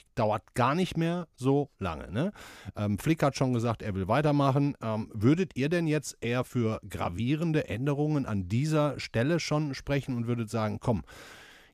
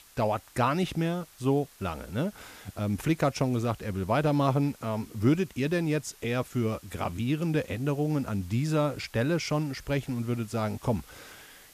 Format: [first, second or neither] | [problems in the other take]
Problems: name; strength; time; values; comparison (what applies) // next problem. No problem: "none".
first | hiss; faint; throughout; 25 dB below the speech